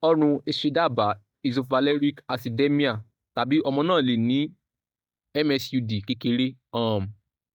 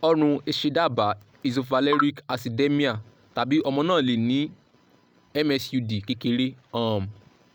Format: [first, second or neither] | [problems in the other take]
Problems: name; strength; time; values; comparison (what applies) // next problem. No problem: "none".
second | noise reduction (neural mask model DeepFilterNet 3)